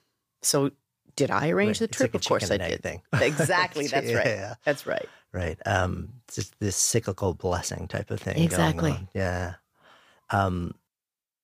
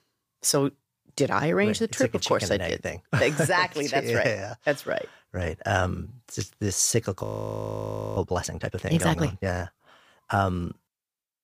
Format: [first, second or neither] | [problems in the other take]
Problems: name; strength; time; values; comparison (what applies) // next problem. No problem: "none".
first | audio freezing; at 7 s for 1 s